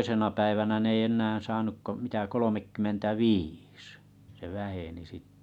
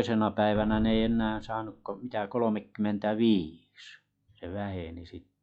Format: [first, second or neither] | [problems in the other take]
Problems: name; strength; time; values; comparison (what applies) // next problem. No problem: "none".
first | noise reduction (classical method log-MMSE)